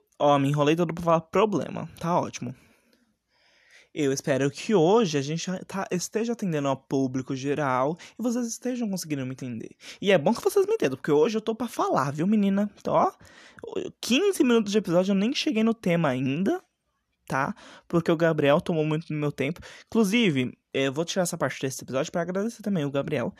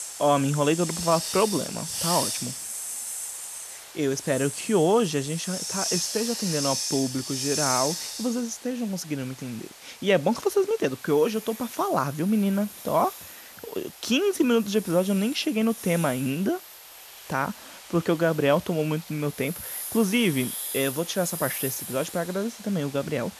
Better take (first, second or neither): first